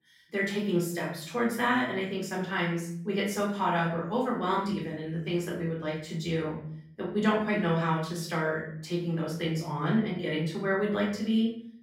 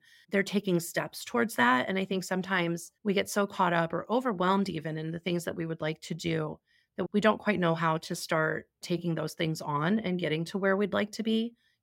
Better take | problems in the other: second | room echo; noticeable; dies away in 0.6 s // off-mic speech; far

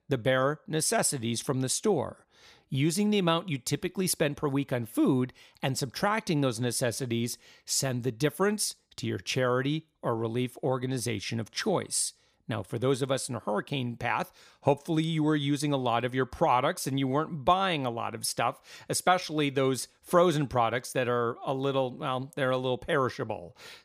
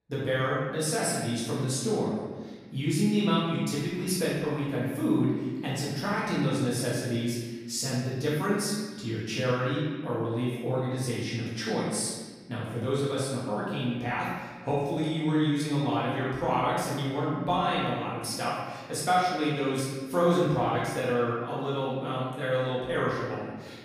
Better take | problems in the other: first | off-mic speech; far // room echo; strong; dies away in 1.4 s

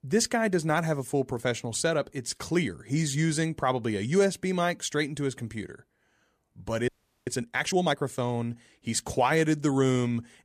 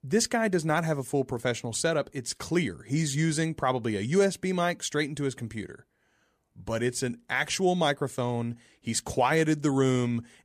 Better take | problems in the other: second | audio freezing; at 7 s

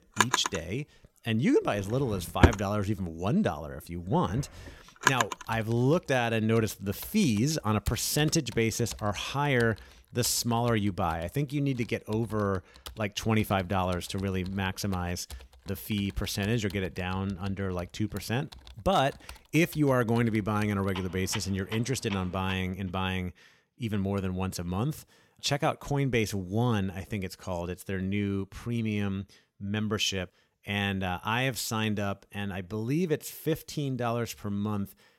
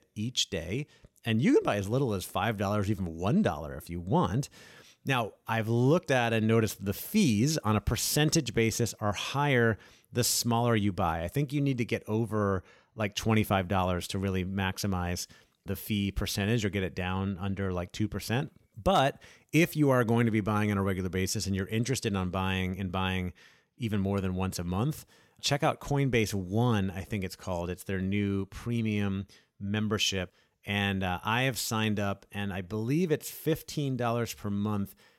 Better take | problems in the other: second | household noises; loud; until 23 s; 4 dB below the speech

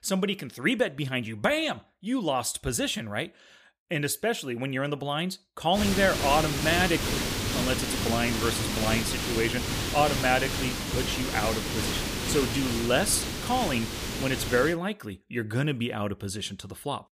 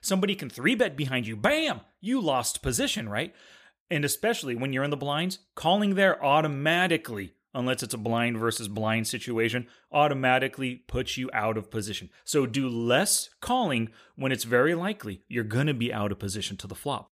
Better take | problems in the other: second | hiss; loud; from 6 to 15 s; 1 dB below the speech

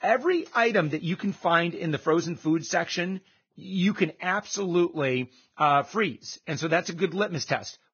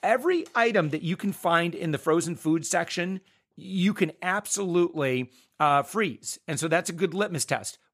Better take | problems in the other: second | garbled, watery; badly; nothing above 6.5 kHz

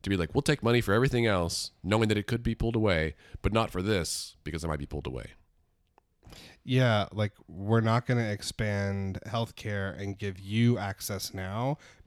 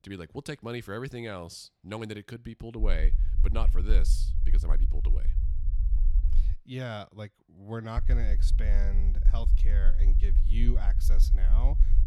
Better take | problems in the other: first | low rumble; noticeable; from 3 to 6.5 s and from 8 s on; 10 dB below the speech

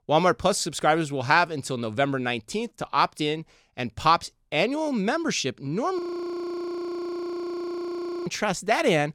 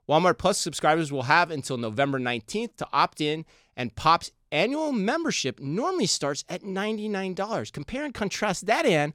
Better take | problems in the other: second | audio freezing; at 6 s for 2.5 s

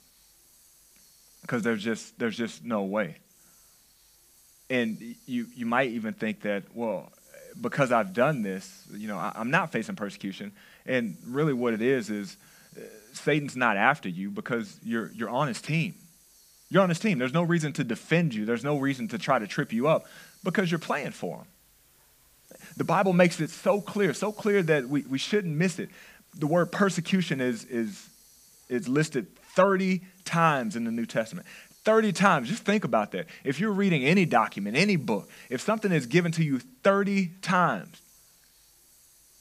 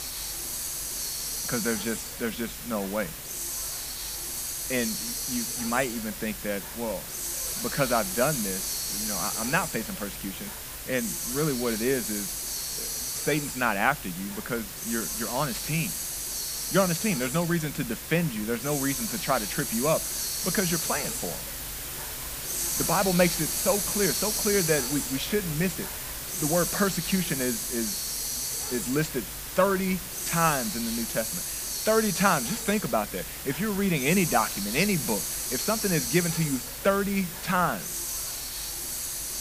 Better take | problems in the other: first | hiss; loud; throughout; 1 dB below the speech; faint in the first

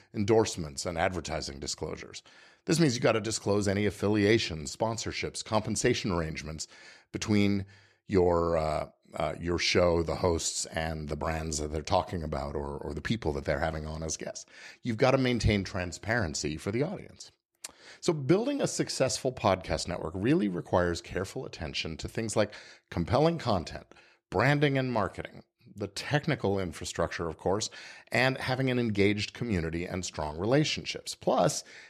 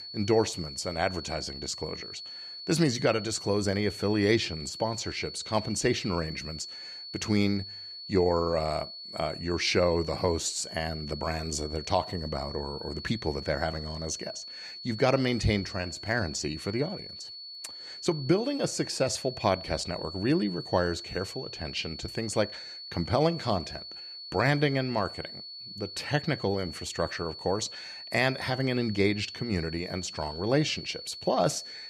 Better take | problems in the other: first | high-pitched whine; loud; throughout; 4.5 kHz, 10 dB below the speech

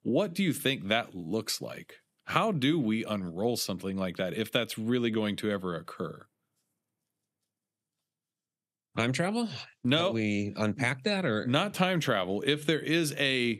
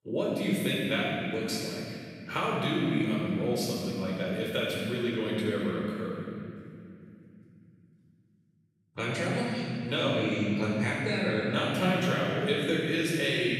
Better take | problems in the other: first | off-mic speech; far // room echo; strong; dies away in 2.7 s

